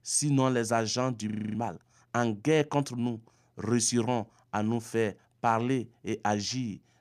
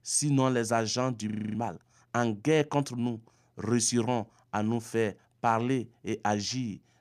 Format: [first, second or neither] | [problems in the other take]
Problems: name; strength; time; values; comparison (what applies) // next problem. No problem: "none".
neither | audio freezing; at 1.5 s; the same in both